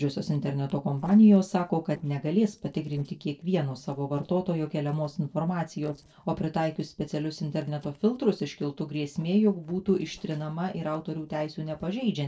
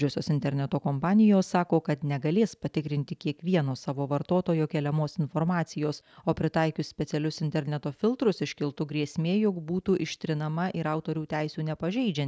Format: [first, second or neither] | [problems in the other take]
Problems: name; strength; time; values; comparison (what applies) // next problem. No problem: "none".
second | noise reduction (neural separator model SepFormer DNS4)